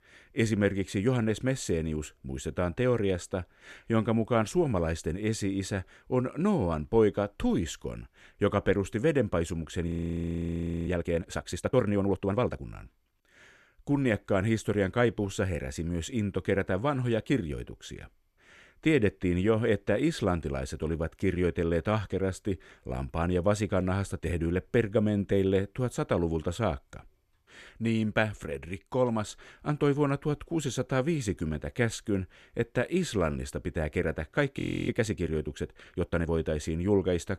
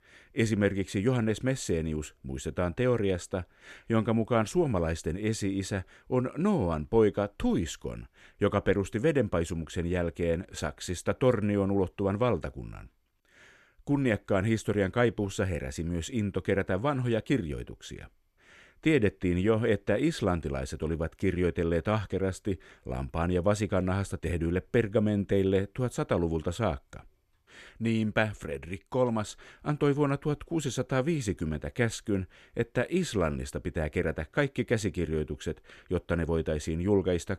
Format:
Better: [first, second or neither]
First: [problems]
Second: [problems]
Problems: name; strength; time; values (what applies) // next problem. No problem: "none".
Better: second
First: audio freezing; at 10 s for 1 s and at 35 s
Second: none